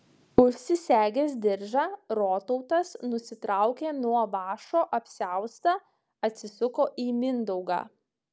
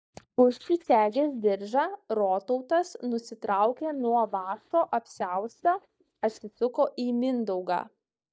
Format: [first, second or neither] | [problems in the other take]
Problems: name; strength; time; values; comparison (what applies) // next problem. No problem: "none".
first | noise reduction (neural mask model DeepFilterNet 3)